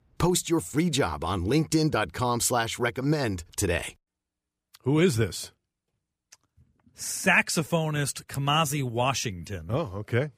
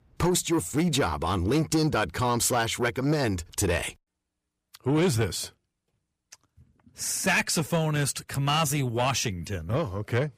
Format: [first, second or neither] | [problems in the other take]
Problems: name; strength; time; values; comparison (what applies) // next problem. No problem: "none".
first | distortion; slight; 10 dB below the speech